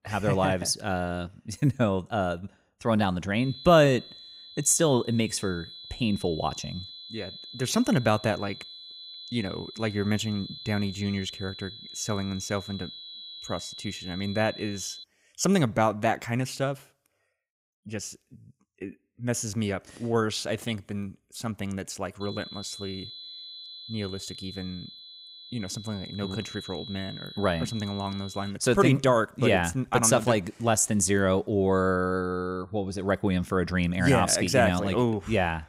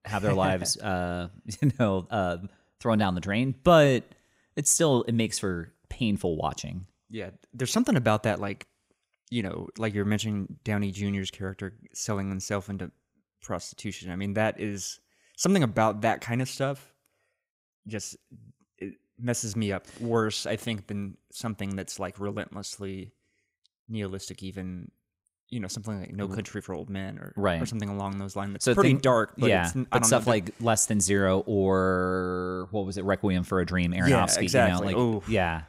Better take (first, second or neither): second